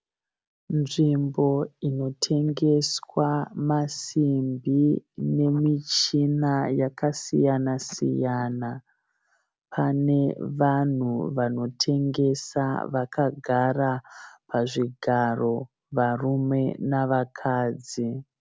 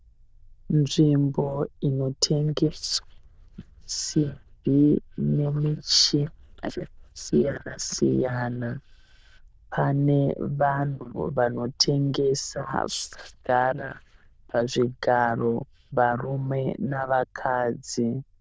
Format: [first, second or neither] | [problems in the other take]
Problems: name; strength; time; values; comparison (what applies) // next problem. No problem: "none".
first | noise reduction (neural diffusion model UNIVERSE++)